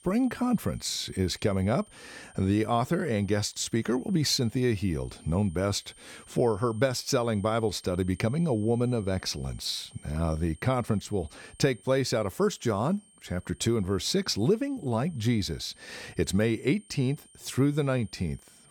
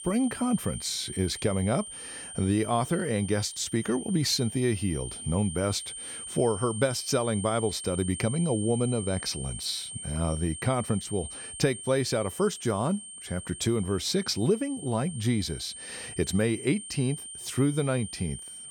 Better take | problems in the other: first | high-pitched whine; loud; throughout; 8.5 kHz, 9 dB below the speech; faint in the first

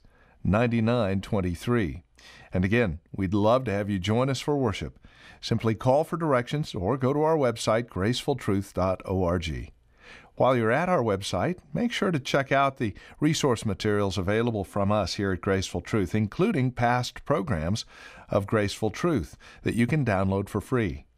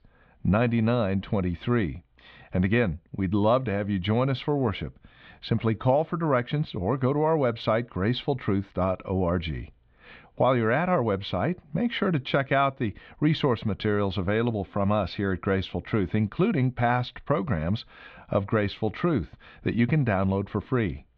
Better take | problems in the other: first | muffled; slightly; fading above 3.5 kHz

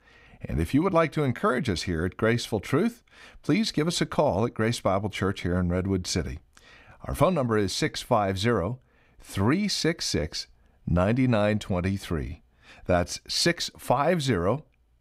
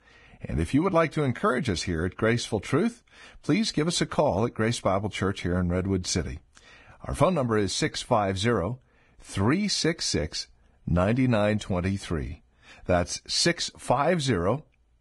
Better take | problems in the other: first | garbled, watery; badly; nothing above 10.5 kHz

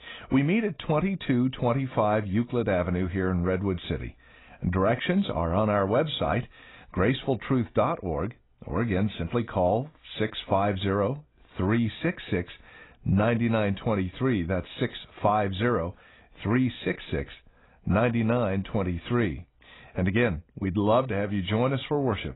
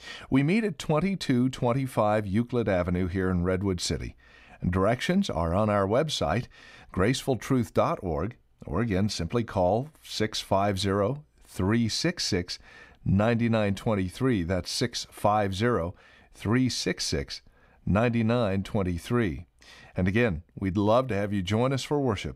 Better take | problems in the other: second | garbled, watery; badly; nothing above 4 kHz

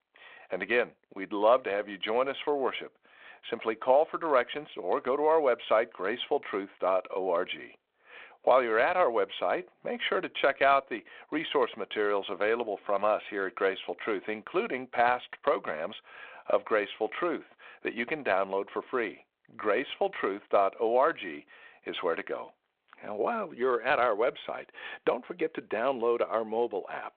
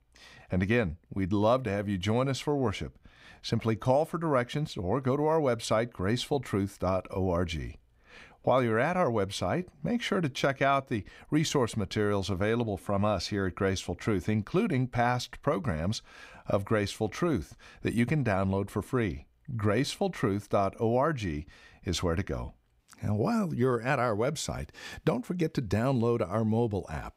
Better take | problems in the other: second | phone-call audio

